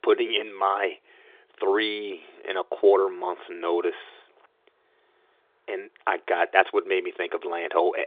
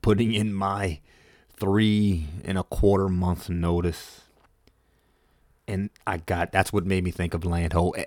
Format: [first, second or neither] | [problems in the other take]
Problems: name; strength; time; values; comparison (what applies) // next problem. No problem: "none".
second | phone-call audio